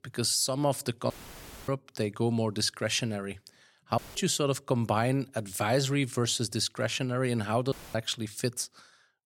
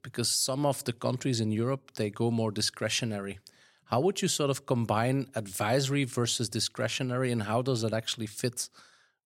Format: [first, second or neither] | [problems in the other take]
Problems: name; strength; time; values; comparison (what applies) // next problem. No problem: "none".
second | audio cutting out; filled with static; at 1 s for 0.5 s, at 4 s and at 7.5 s